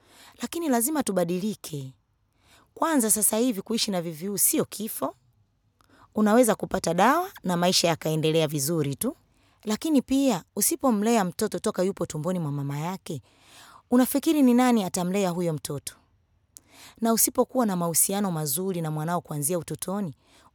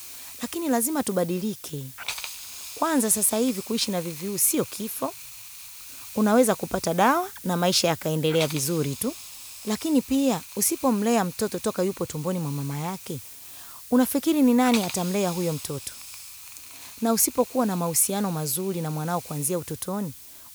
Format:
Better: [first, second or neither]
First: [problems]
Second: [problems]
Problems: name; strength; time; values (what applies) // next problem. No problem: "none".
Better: first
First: none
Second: hiss; noticeable; throughout; 10 dB below the speech